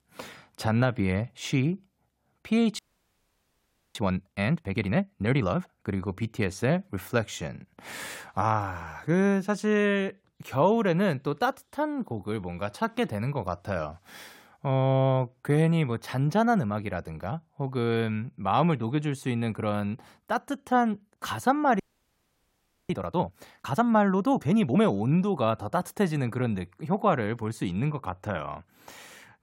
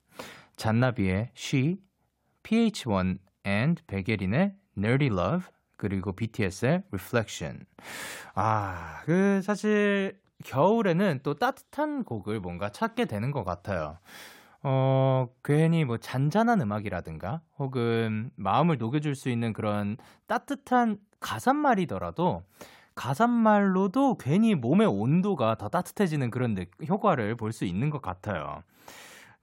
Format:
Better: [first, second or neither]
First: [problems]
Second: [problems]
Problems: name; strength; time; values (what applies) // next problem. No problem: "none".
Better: second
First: audio freezing; at 3 s for 1 s and at 22 s for 1 s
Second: none